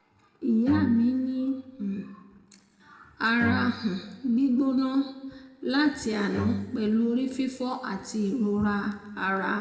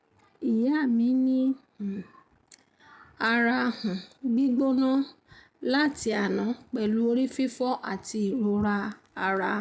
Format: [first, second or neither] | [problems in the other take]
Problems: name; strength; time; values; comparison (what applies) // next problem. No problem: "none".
second | background sound (Bowed string instrument); 10 dB below the speech // room echo; dies away in 1.2 s